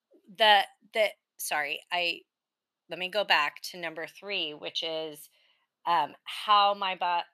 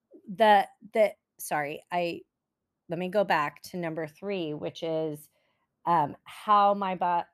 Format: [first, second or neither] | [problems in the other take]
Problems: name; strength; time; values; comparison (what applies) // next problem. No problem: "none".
second | thin; somewhat; fading below 1 kHz